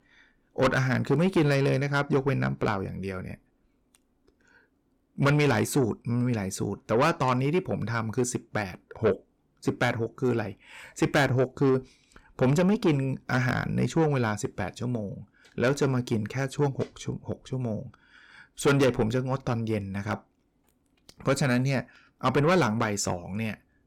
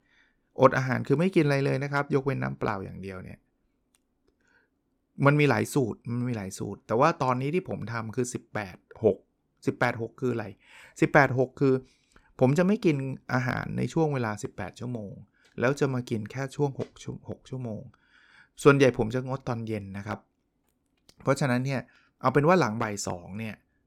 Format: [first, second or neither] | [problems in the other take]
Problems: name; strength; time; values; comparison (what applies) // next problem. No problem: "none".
second | distortion; heavy; 7 dB below the speech